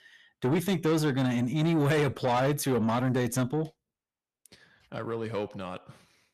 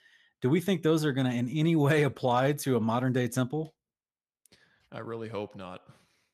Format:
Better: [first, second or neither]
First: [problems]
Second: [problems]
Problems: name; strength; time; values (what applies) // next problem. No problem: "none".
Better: second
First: distortion; slight; 10 dB below the speech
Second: none